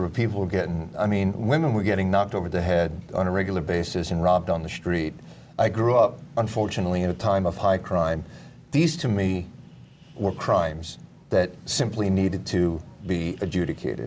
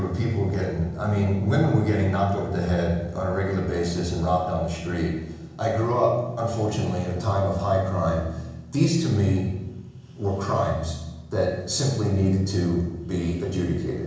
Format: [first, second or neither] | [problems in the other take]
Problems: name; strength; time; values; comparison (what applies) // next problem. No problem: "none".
first | room echo; dies away in 1 s